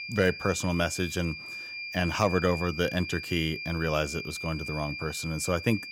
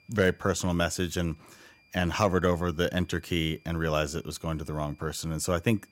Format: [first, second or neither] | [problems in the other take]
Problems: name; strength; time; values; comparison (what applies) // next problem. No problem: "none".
second | high-pitched whine; loud; throughout; 2.5 kHz, 7 dB below the speech; faint in the second